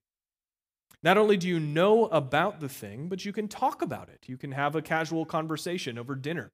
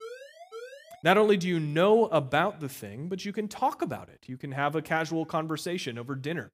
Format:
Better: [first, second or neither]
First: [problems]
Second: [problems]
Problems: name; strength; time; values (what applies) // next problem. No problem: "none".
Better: first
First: none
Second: siren; faint; at the start; peak 15 dB below the speech